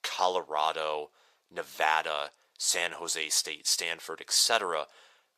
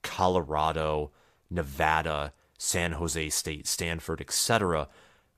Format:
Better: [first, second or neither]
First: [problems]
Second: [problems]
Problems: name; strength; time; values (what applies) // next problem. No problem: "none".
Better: second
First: thin; very; fading below 600 Hz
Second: none